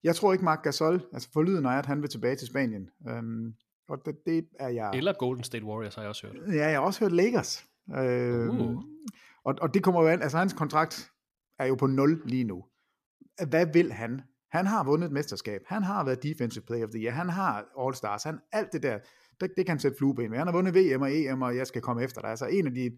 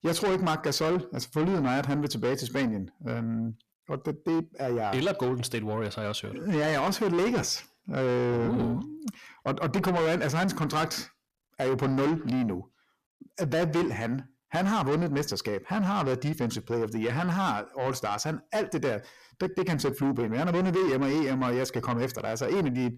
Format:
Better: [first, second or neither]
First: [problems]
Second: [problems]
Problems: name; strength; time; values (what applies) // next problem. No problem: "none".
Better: first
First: none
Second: distortion; heavy; 7 dB below the speech